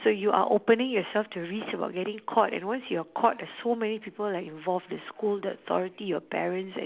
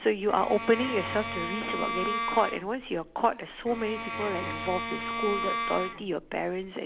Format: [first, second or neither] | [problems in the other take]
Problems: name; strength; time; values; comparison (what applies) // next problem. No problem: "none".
first | background sound (Bowed string instrument); 5 dB below the speech